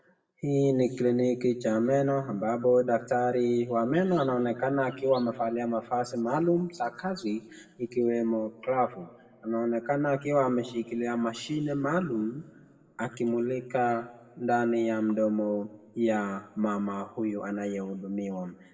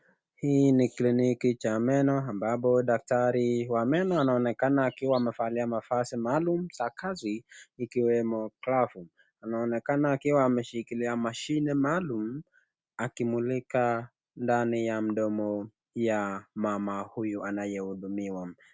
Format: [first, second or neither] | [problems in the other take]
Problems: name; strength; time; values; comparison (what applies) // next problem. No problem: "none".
second | room echo; dies away in 1.3 s